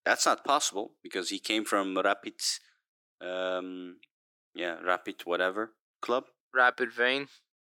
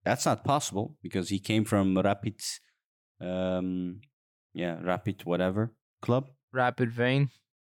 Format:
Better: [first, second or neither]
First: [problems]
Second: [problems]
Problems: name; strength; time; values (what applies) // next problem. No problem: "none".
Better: second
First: thin; somewhat; fading below 350 Hz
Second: none